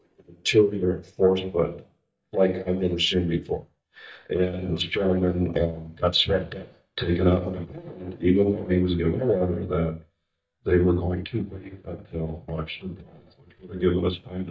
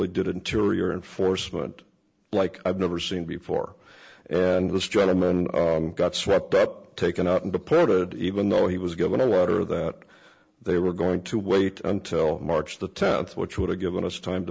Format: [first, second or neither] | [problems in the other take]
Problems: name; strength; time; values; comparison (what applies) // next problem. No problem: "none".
second | noise reduction (neural mask model DeepFilterNet 3)